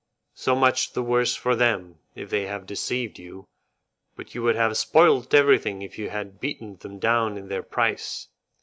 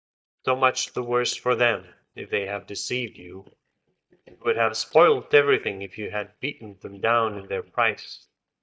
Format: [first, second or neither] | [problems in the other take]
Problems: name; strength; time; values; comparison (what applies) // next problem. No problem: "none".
first | noise reduction (neural mask model DeepFilterNet 3)